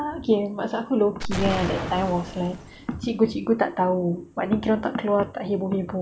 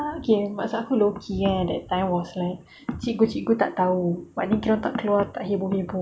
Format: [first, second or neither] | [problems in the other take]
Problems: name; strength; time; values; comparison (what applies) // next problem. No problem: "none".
second | background sound (Explosion); 12 dB below the speech